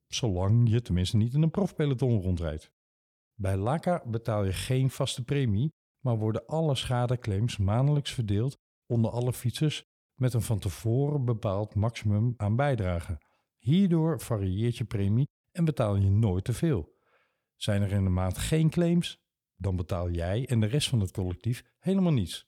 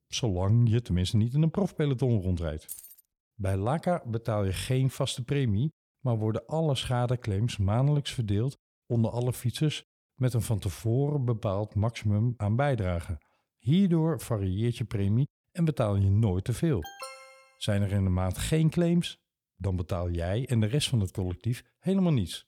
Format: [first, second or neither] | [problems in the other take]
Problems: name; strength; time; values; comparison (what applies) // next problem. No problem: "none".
first | jangling keys; faint; at 2.5 s; peak 15 dB below the speech // alarm; faint; at 17 s; peak 15 dB below the speech